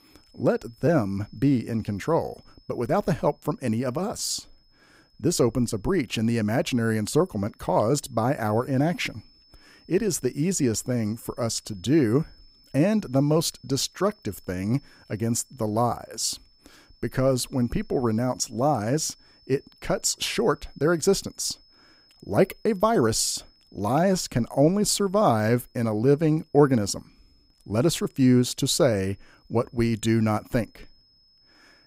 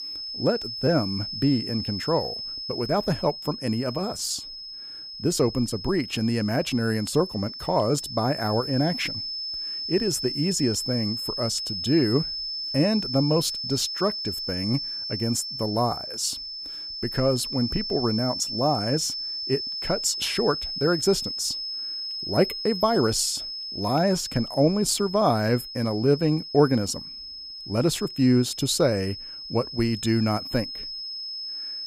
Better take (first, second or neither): first